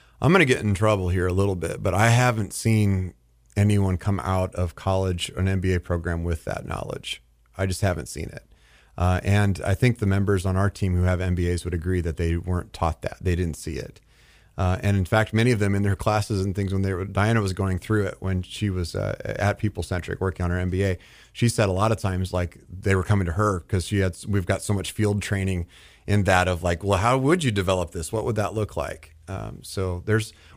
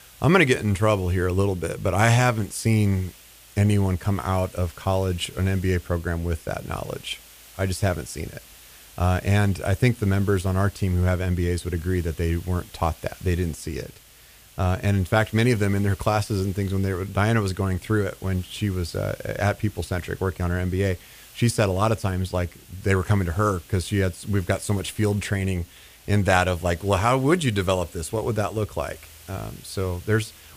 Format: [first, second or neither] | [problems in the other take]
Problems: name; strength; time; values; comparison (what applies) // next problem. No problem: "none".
first | hiss; faint; throughout; 20 dB below the speech